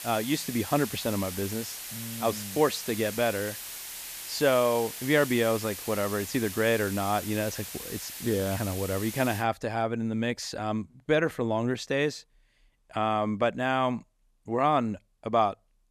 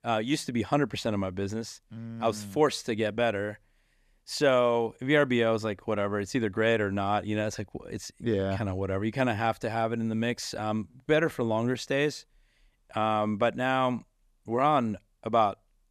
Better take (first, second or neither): second